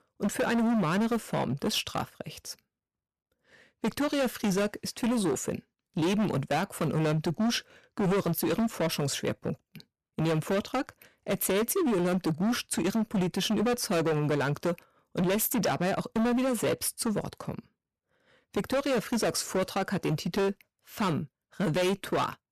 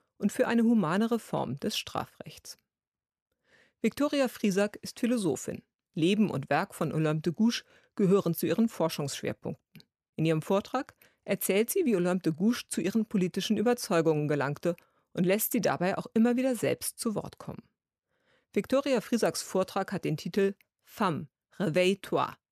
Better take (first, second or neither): second